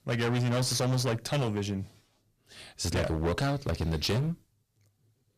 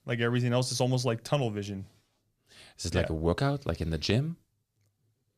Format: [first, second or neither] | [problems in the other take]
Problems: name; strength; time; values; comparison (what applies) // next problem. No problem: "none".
second | distortion; heavy; 19% of the sound clipped